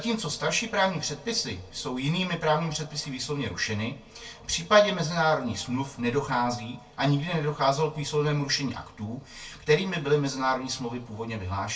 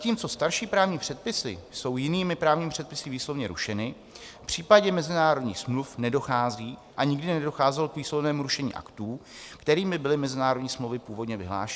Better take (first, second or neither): second